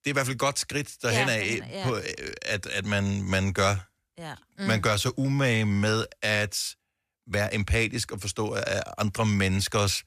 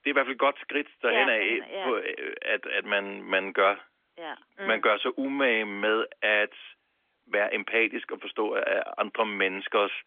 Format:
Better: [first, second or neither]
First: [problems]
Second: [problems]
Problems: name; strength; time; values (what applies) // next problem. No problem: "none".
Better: first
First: none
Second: phone-call audio; nothing above 3.5 kHz